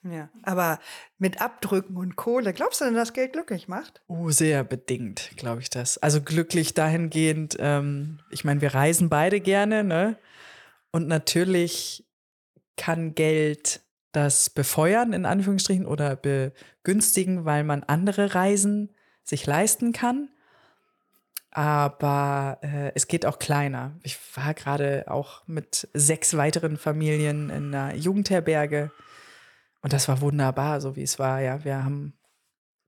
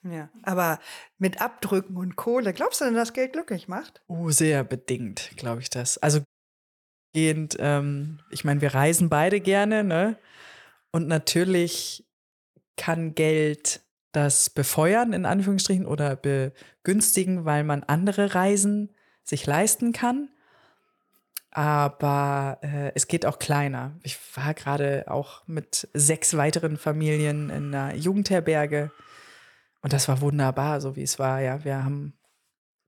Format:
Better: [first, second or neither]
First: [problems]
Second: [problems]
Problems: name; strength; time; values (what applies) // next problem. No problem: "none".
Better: first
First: none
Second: audio cutting out; at 6.5 s for 1 s